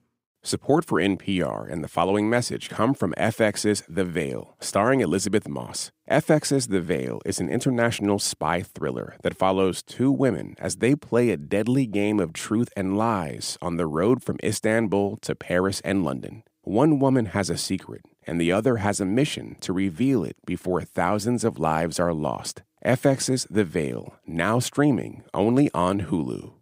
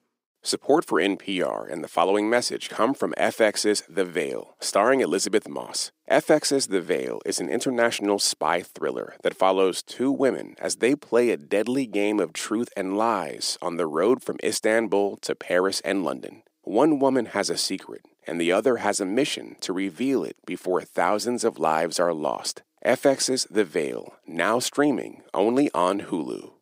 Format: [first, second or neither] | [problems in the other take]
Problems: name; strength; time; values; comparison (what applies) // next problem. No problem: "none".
first | thin; very slightly; fading below 350 Hz